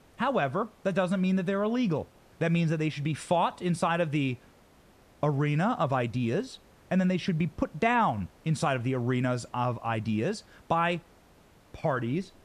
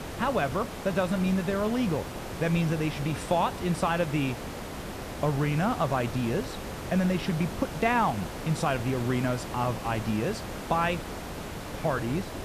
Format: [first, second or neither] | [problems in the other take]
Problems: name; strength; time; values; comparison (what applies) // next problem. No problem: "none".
first | hiss; loud; throughout; 8 dB below the speech; faint in the first